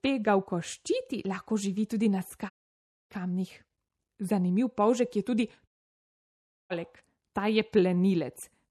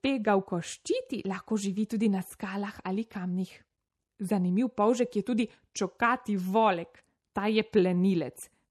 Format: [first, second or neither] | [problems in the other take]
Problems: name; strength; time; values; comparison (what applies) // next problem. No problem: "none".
second | audio cutting out; at 2.5 s for 0.5 s and at 5.5 s for 1 s